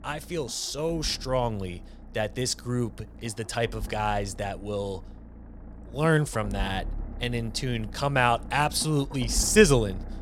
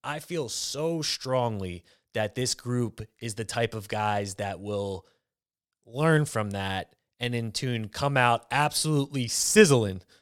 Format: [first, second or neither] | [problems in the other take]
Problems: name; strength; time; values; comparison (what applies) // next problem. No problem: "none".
second | low rumble; faint; throughout; 20 dB below the speech